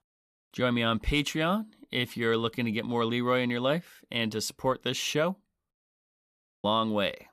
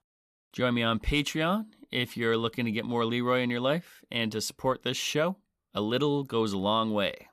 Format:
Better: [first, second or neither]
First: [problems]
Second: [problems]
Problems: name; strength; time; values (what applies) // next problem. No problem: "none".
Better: second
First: audio cutting out; at 5.5 s for 1 s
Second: none